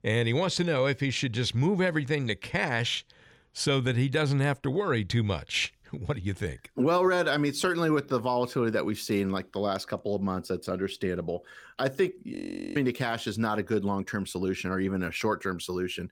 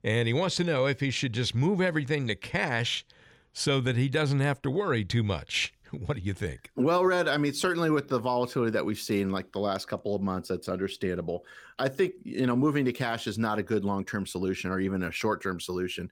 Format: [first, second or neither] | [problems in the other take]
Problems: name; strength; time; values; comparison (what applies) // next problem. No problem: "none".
second | audio freezing; at 12 s